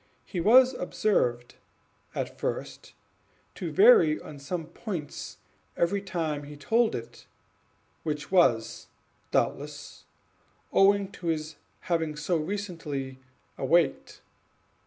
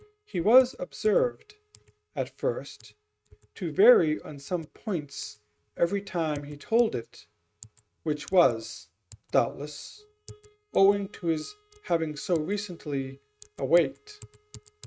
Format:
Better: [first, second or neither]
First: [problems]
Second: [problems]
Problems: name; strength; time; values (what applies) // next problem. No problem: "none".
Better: first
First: none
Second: noise reduction (neural mask model RNNoise)